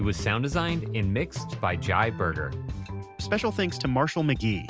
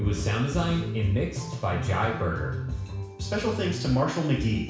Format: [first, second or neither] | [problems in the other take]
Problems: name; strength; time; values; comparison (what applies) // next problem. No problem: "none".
first | room echo; dies away in 0.7 s